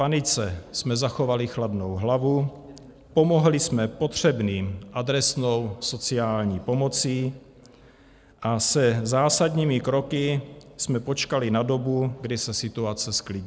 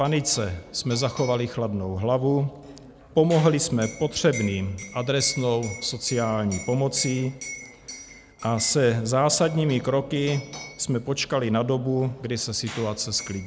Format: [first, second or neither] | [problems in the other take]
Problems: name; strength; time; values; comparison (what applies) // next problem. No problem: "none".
first | background sound (Liquid); 17 dB below the speech